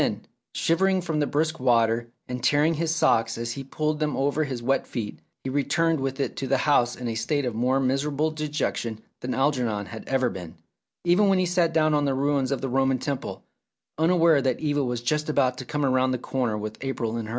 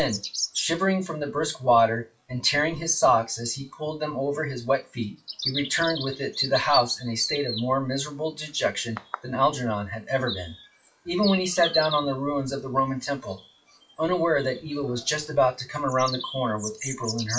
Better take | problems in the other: first | noise reduction (classical method WPE with log-MMSE)

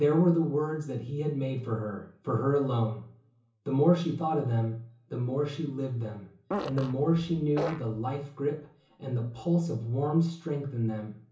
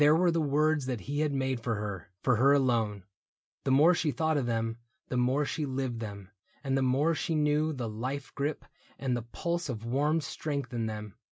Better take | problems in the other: second | background sound (Fart); 8 dB below the speech // room echo; dies away in 0.7 s

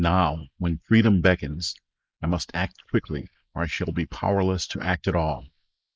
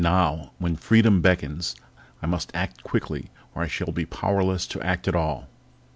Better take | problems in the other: second | noise reduction (neural mask model Resemble Enhance denoiser)

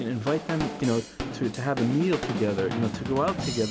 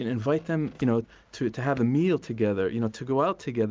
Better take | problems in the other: second | background sound (Drum / Drum kit); 6 dB below the speech

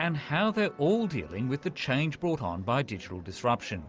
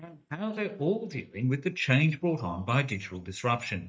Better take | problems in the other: first | noise reduction (neural mask model DeepFilterNet 3)

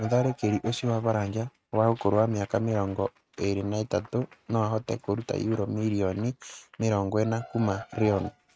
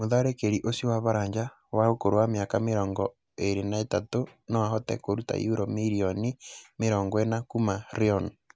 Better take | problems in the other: second | noise reduction (neural mask model RNNoise)

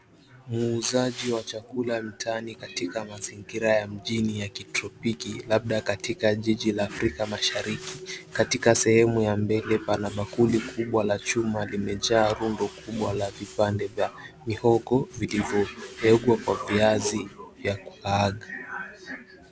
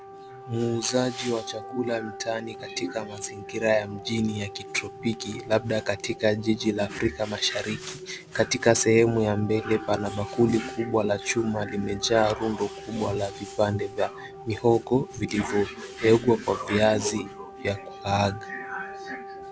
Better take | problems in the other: first | background sound (Wind instrument, woodwind instrument); 16 dB below the speech

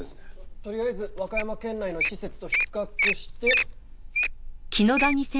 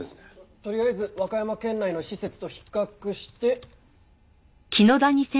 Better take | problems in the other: second | background sound (Wild animals); as loud as the speech

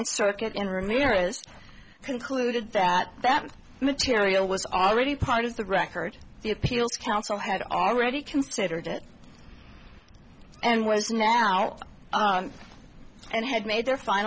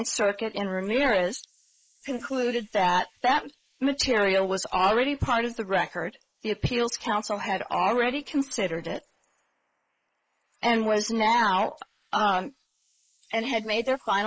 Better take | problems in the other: first | noise reduction (neural mask model Resemble Enhance denoiser)

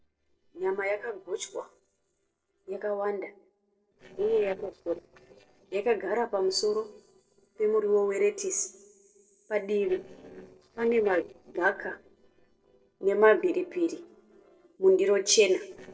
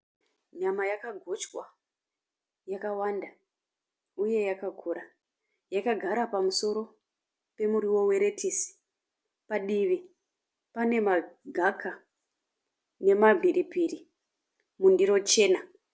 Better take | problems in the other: second | noise reduction (neural separator model SepFormer DNS4)

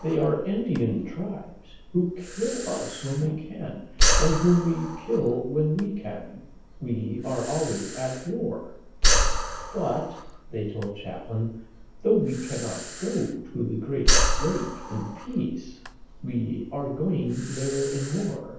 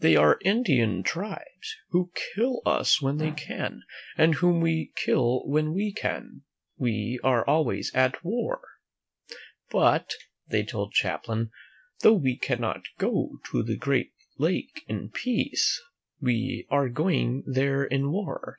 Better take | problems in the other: second | background sound (Breathing); as loud as the speech // room echo; dies away in 0.9 s

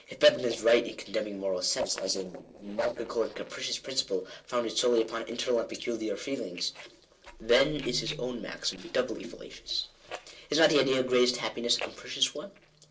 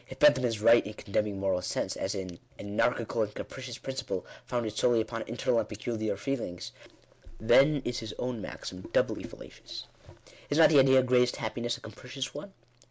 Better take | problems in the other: second | noise reduction (neural separator model SepFormer DNS4)

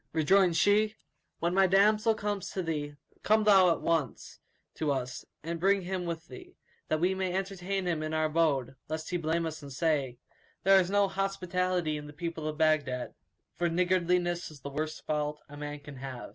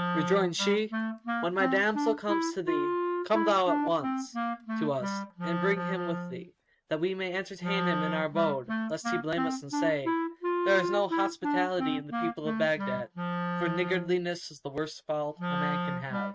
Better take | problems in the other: first | noise reduction (neural mask model RNNoise)

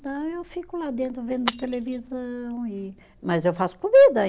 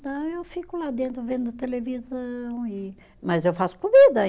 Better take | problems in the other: second | background sound (Shatter); 16 dB below the speech

